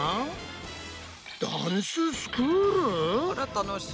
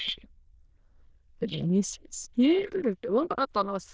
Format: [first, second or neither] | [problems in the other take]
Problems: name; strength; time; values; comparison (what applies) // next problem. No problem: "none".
first | noise reduction (neural diffusion model UNIVERSE++)